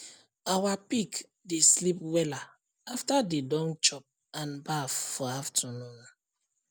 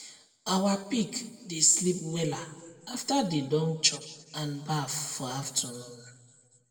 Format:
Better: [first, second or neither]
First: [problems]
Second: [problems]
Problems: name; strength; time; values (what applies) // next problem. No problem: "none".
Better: first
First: none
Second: room echo; dies away in 1 s